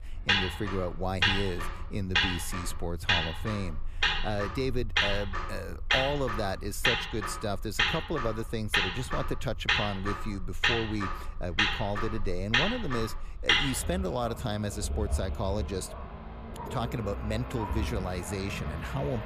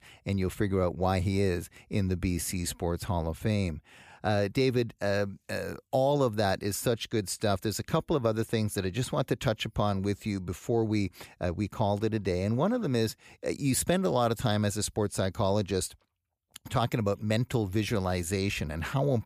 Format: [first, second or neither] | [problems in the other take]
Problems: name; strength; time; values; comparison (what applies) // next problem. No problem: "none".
second | traffic noise; very loud; throughout; 4 dB above the speech